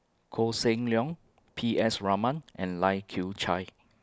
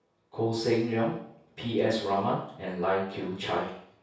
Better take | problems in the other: first | room echo; dies away in 0.6 s

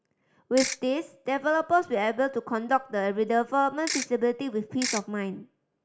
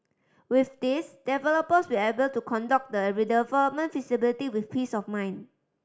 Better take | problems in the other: second | background sound (Ratchet, pawl / Percussion); 5 dB below the speech

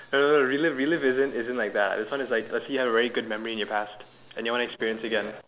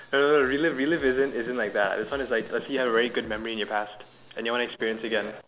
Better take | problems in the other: first | background sound (Drum kit); 20 dB below the speech

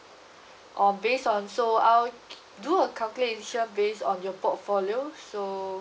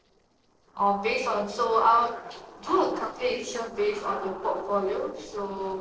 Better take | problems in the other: first | noise reduction (neural separator model SepFormer DNS4)

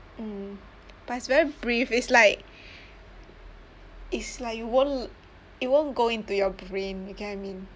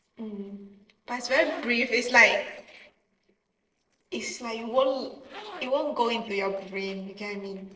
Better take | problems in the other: first | noise reduction (neural separator model SepFormer DNS4)

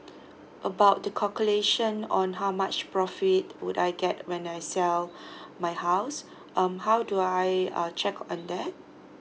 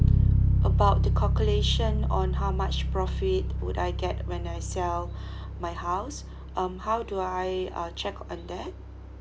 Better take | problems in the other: first | background sound (Bass guitar); 5 dB above the speech

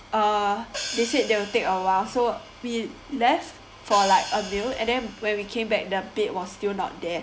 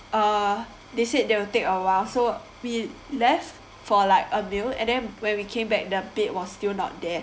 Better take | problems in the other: second | background sound (Hi-hat); 14 dB below the speech

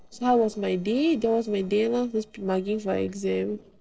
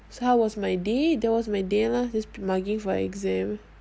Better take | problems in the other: second | noise reduction (neural separator model SepFormer DNS4)

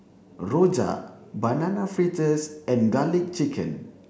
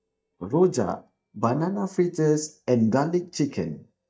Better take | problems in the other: first | noise reduction (neural mask model DeepFilterNet 3)

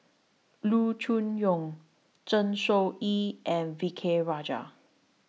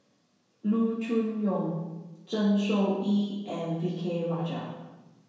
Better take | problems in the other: first | room echo; dies away in 1 s

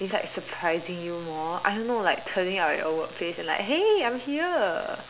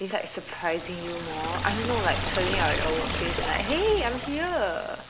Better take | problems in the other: first | background sound (Liquid); 3 dB below the speech

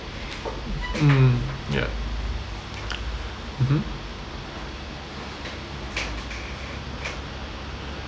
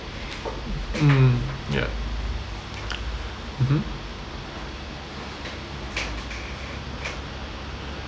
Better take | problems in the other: second | background sound (Bowed string instrument); 16 dB below the speech

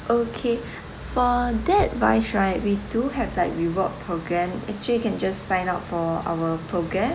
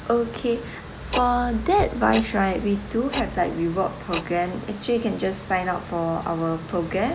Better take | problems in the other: first | background sound (Tick-tock); 14 dB below the speech

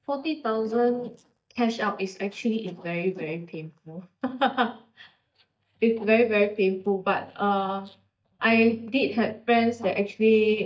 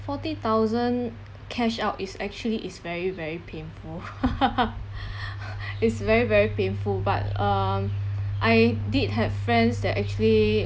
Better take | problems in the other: second | noise reduction (neural mask model DeepFilterNet 3)

